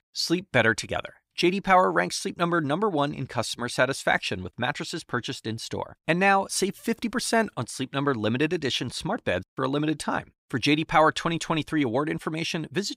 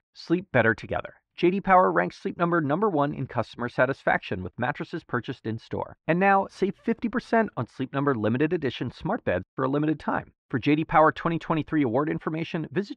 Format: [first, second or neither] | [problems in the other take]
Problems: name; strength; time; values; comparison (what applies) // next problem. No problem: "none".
first | muffled; very; fading above 2 kHz